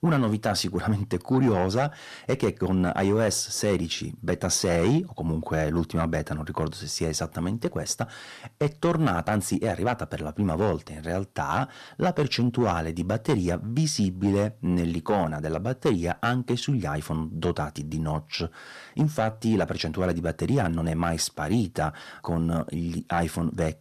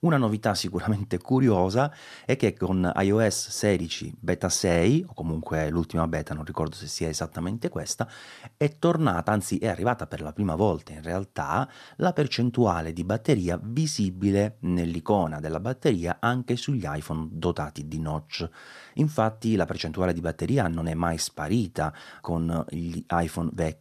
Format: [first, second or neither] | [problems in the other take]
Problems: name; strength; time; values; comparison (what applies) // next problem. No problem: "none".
second | distortion; slight; 10 dB below the speech